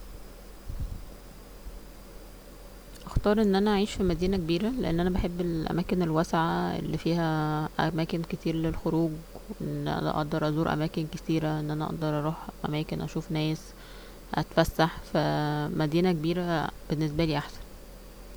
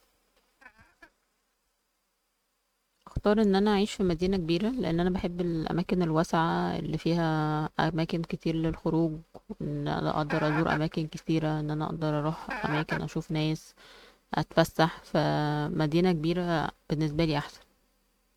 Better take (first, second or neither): first